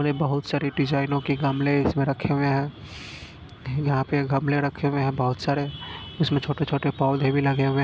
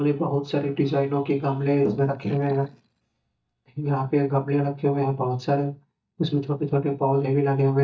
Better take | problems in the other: first | noise reduction (neural mask model DeepFilterNet 3)

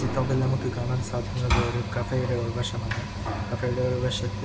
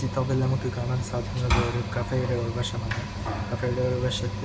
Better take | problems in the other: second | background sound (Explosion); 15 dB below the speech

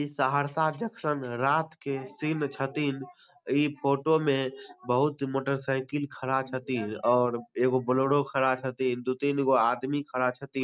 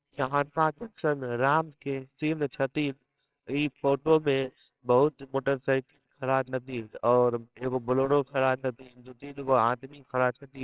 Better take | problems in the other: first | noise reduction (neural separator model SepFormer WHAMR!)

